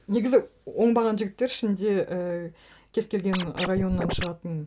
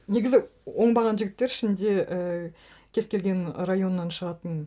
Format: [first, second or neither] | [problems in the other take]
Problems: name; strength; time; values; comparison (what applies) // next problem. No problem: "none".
second | background sound (Scratching (performance technique)); 5 dB below the speech